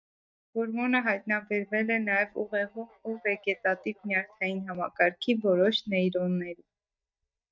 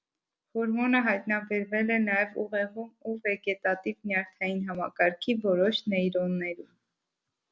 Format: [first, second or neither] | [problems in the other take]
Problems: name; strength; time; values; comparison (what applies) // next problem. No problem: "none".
second | noise reduction (neural mask model DeepFilterNet 3)